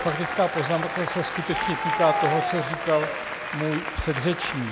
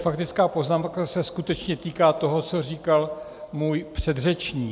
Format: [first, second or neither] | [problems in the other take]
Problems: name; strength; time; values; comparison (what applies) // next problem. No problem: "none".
second | background sound (Applause); 2 dB below the speech